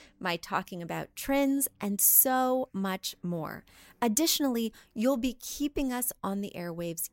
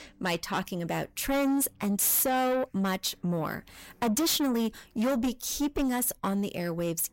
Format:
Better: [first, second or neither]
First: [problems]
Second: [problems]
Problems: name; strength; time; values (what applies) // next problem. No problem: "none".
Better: first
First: none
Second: distortion; heavy; 6 dB below the speech